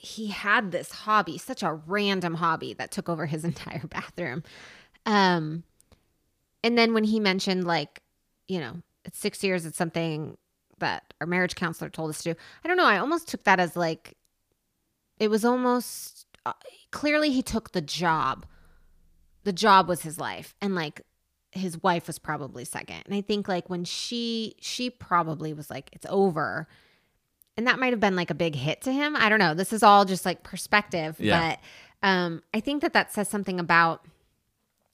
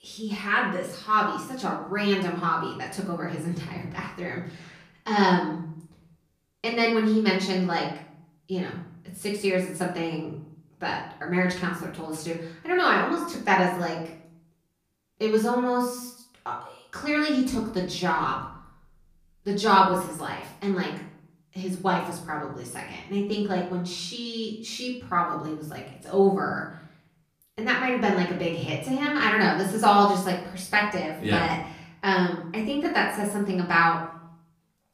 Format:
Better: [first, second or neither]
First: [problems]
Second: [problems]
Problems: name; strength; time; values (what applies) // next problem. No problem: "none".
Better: first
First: none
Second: room echo; noticeable; dies away in 0.5 s // off-mic speech; far